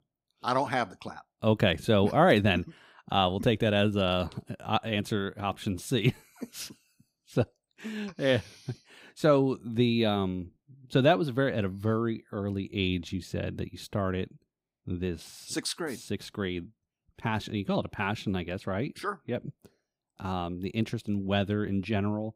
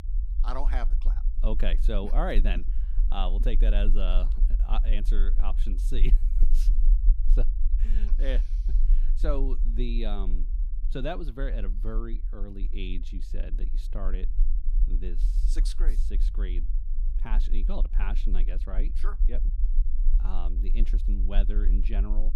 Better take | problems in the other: first | low rumble; noticeable; throughout; 15 dB below the speech

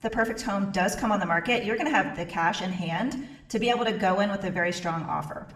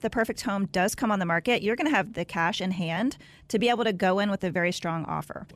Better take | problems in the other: second | room echo; very slight; dies away in 0.7 s // off-mic speech; somewhat distant

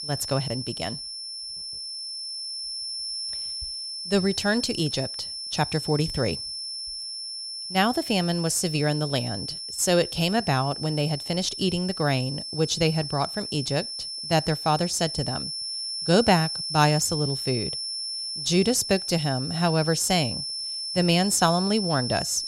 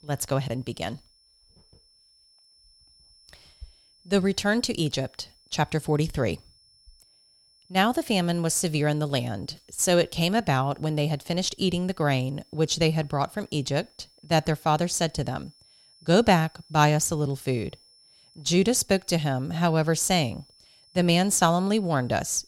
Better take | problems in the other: second | high-pitched whine; loud; throughout; 5.5 kHz, 6 dB below the speech; faint in the second

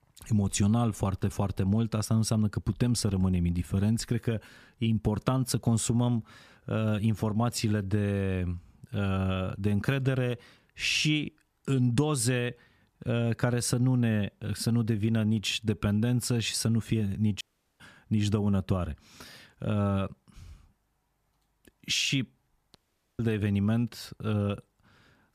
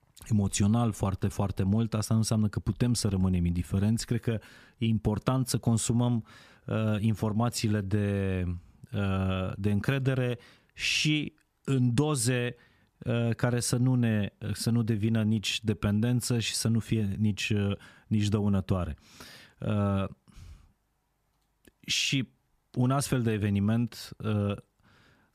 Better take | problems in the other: second | audio cutting out; at 17 s and at 23 s

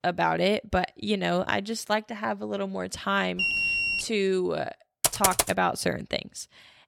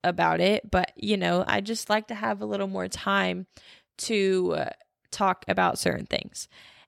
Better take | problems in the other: second | alarm; loud; at 3.5 s; peak 5 dB above the speech // keyboard typing; loud; at 5 s; peak 4 dB above the speech

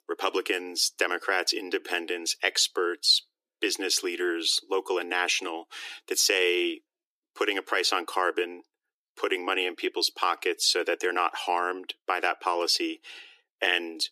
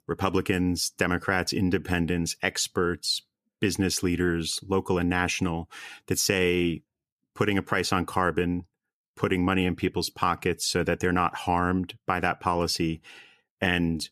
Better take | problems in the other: second | thin; very; fading below 350 Hz

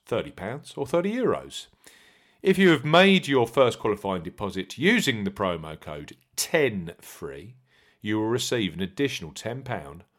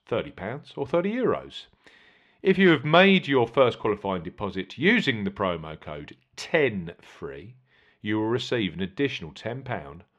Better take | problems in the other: first | muffled; slightly; fading above 3 kHz

